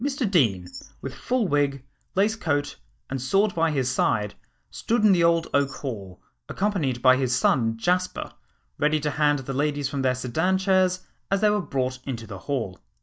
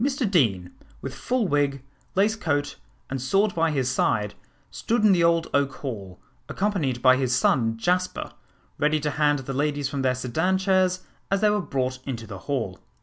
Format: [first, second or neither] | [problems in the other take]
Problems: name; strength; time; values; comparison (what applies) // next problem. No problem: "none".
second | noise reduction (neural mask model DeepFilterNet 3)